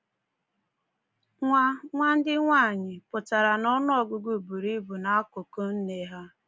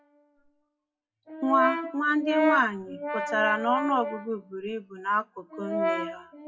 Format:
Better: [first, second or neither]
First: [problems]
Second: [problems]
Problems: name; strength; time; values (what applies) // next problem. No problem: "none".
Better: first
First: none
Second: noise reduction (classical method WPE with log-MMSE)